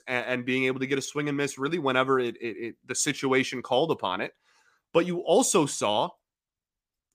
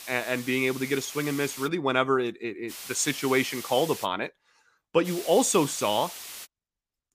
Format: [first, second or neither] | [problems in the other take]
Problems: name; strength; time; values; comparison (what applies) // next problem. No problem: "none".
first | hiss; noticeable; until 1.5 s, from 2.5 to 4 s and from 5 to 6.5 s; 10 dB below the speech